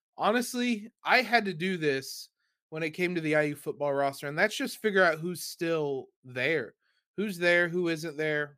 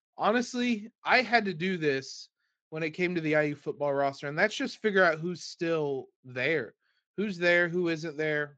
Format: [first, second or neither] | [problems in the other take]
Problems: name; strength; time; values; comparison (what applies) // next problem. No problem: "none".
first | garbled, watery; slightly; nothing above 7.5 kHz